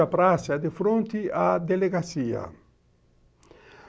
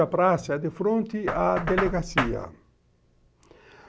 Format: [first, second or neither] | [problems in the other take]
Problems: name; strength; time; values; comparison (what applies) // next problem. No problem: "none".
first | background sound (Knock); 7 dB below the speech